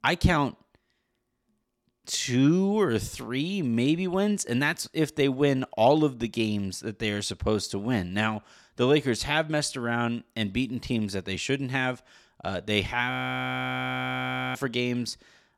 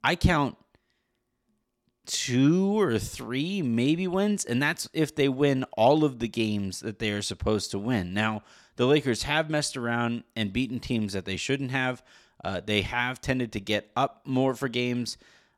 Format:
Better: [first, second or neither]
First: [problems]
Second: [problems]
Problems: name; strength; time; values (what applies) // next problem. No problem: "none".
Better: second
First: audio freezing; at 13 s for 1.5 s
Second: none